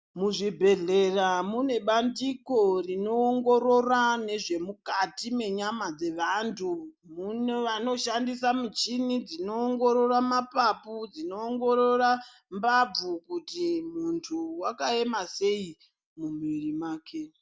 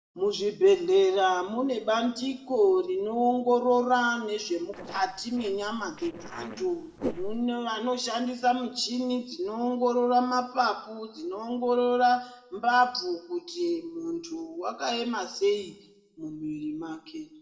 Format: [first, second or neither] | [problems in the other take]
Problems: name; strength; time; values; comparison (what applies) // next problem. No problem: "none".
first | noise reduction (neural separator model SepFormer DNS4)